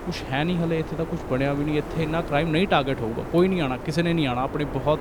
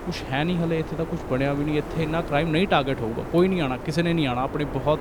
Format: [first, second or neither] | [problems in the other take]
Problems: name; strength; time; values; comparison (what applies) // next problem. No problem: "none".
neither | wind noise on the microphone; heavy; 10 dB below the speech; the same in both